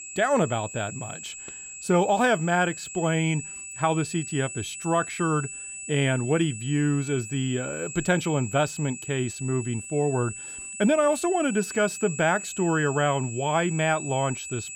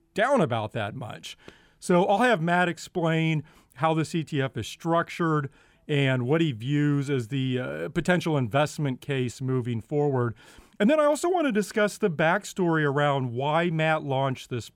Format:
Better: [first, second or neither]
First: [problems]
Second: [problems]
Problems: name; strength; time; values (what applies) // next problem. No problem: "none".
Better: second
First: high-pitched whine; loud; throughout; 8 kHz, 10 dB below the speech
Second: none